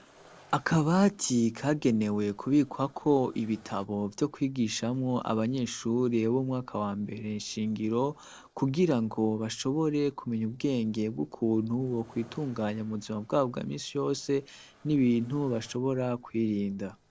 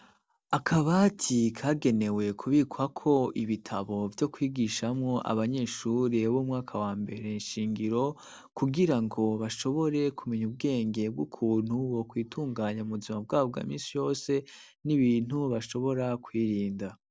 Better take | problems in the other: second | noise reduction (neural separator model SepFormer DNS4)

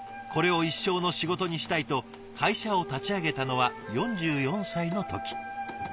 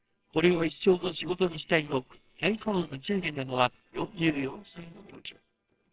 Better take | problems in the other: first | noise reduction (neural separator model SepFormer WHAMR!)

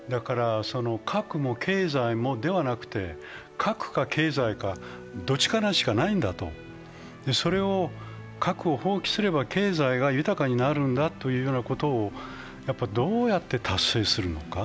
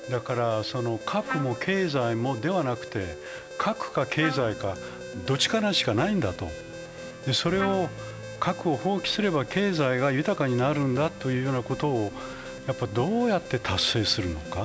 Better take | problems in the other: first | background sound (Alarm + Trumpet); 13 dB below the speech

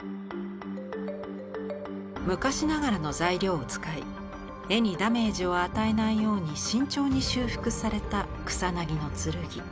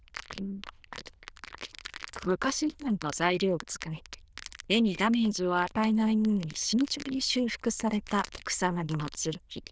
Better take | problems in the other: first | noise reduction (neural diffusion model UNIVERSE++)

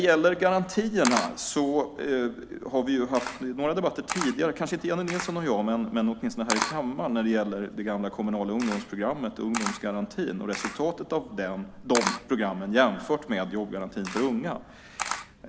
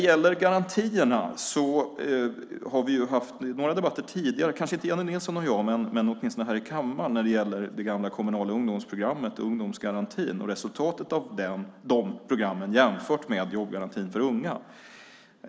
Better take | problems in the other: second | background sound (Camera); 10 dB below the speech

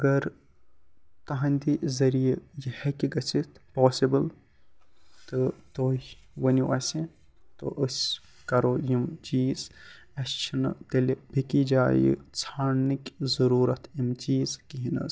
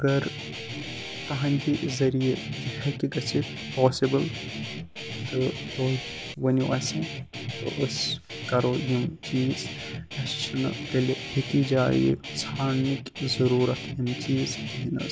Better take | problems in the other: first | background sound (Guitar); 8 dB below the speech

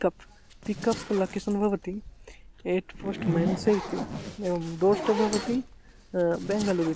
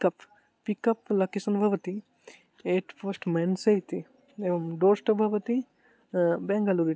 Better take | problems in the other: second | background sound (Zipper (clothing)); 8 dB below the speech

